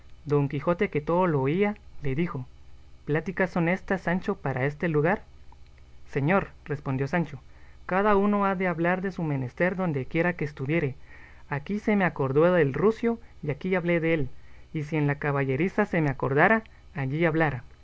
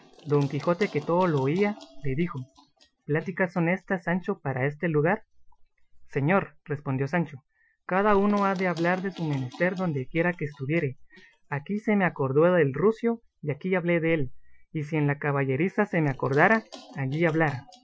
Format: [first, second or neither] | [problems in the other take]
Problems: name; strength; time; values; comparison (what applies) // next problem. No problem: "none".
first | noise reduction (classical method Wiener filter)